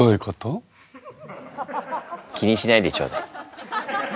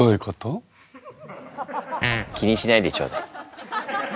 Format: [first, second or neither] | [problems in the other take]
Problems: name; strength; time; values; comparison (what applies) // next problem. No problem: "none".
first | background sound (Fart); 4 dB below the speech